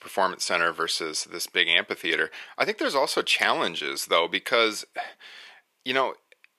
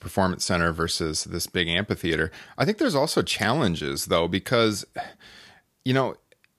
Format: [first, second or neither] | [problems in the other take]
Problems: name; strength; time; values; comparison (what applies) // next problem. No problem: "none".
second | thin; somewhat; fading below 450 Hz